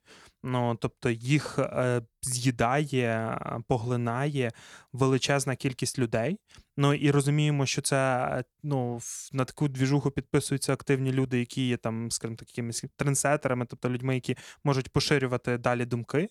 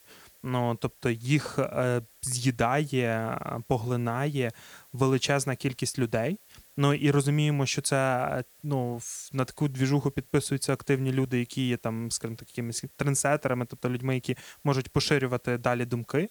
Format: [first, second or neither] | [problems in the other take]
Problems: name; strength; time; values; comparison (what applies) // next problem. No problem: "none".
first | hiss; faint; throughout; 25 dB below the speech